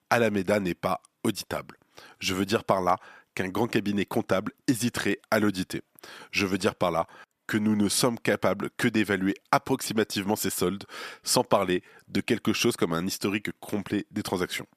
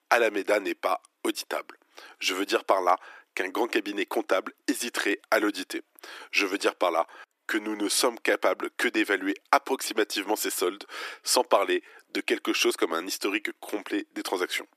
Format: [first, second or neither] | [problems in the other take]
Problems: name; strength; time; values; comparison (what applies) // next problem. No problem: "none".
first | thin; somewhat; fading below 300 Hz